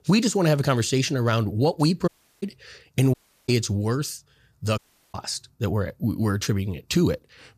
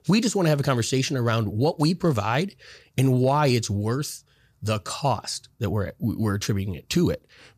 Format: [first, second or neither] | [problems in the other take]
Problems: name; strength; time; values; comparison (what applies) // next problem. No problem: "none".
second | audio cutting out; at 2 s, at 3 s and at 5 s